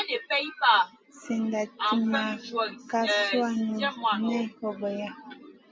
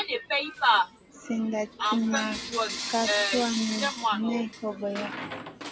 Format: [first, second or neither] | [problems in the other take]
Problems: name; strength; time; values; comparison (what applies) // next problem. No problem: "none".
first | background sound (Coin (dropping) / Bell); 10 dB below the speech